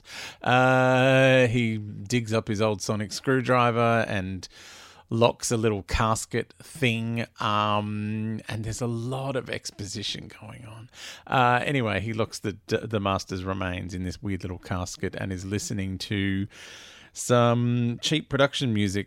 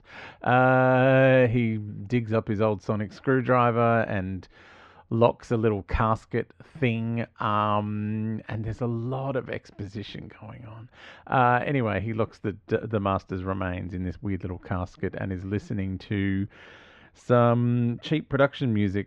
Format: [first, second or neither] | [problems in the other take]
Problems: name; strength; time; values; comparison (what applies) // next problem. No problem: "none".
first | muffled; very; fading above 2 kHz